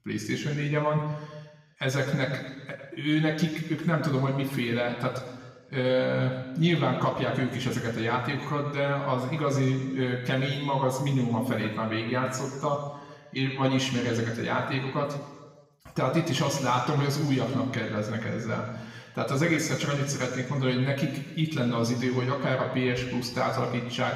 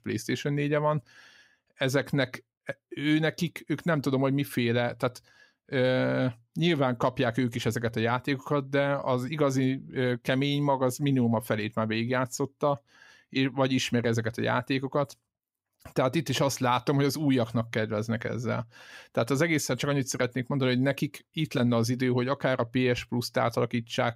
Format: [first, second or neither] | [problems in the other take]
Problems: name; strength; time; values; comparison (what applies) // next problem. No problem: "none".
second | room echo; noticeable; dies away in 1.3 s // off-mic speech; somewhat distant